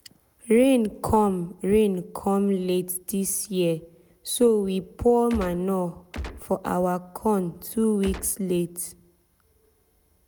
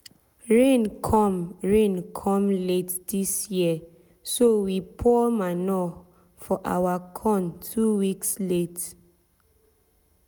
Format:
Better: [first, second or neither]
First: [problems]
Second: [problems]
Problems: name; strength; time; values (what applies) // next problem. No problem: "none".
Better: second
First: background sound (Gunshot, gunfire); 10 dB below the speech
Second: none